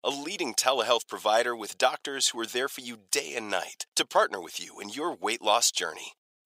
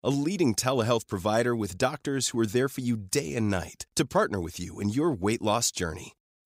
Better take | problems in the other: second | thin; very; fading below 650 Hz

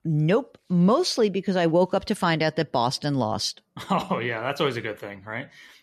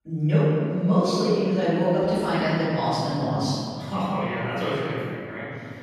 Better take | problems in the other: first | off-mic speech; far // room echo; strong; dies away in 2.9 s

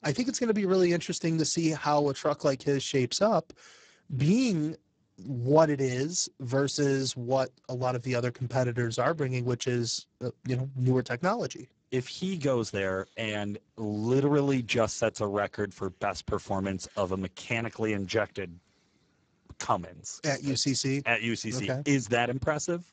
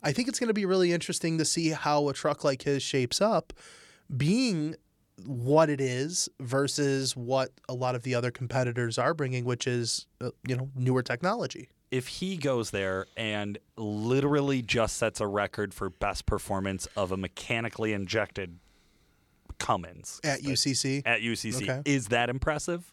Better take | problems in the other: second | garbled, watery; badly; nothing above 7.5 kHz

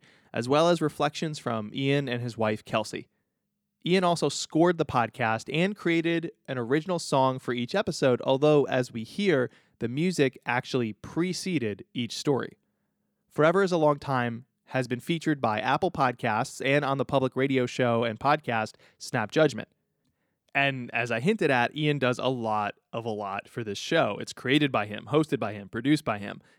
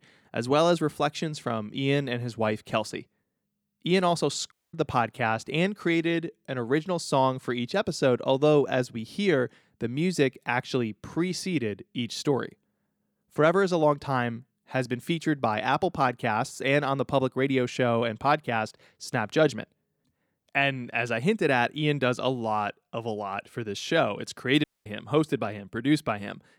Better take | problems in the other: first | audio cutting out; at 4.5 s and at 25 s

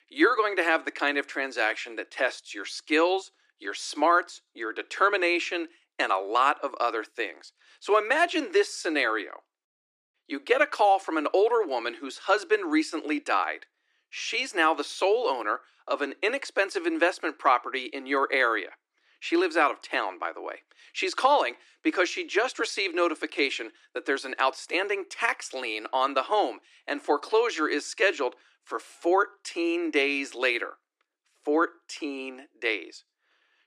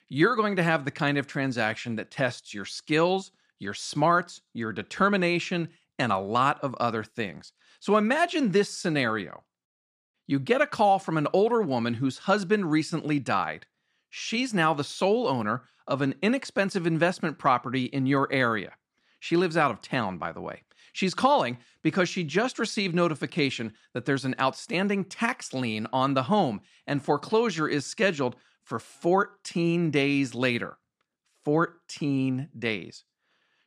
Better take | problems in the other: second | thin; somewhat; fading below 300 Hz

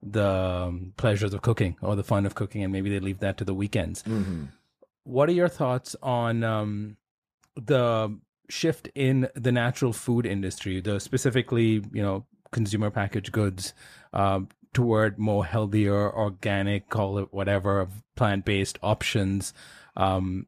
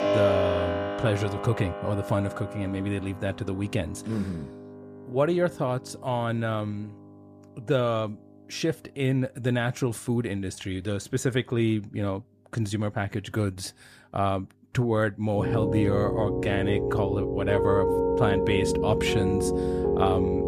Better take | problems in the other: first | background music; very loud; throughout; 1 dB above the speech

